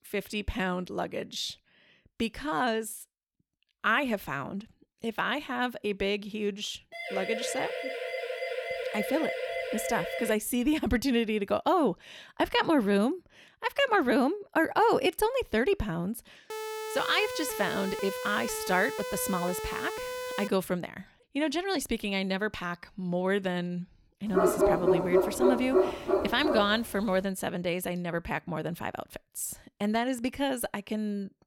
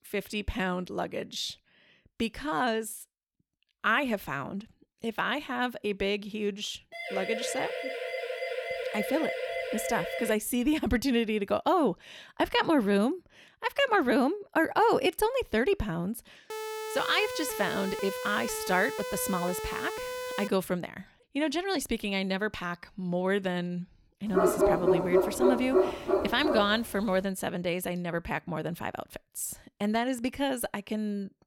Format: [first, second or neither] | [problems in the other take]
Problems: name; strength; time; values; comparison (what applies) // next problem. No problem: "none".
neither | siren; noticeable; from 7 to 10 s and from 17 to 20 s; peak 3 dB below the speech; the same in both // dog barking; loud; from 24 to 27 s; peak 6 dB above the speech; the same in both